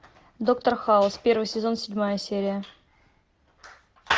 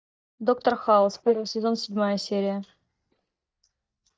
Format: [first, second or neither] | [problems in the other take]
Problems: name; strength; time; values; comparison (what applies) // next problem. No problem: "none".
first | noise reduction (neural mask model DeepFilterNet 3)